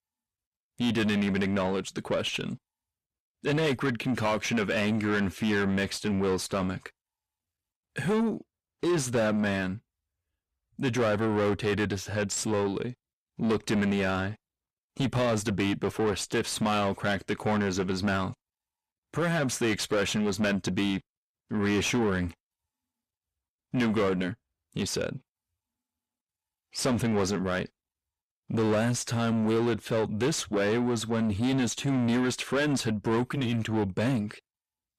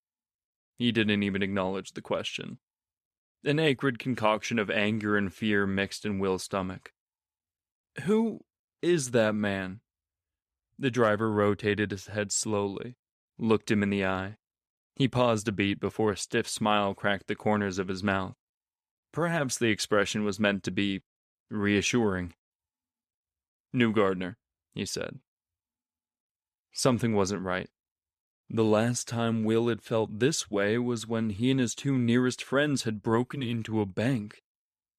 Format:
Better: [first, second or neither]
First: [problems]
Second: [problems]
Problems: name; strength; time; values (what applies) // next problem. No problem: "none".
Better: second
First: distortion; heavy; 7 dB below the speech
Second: none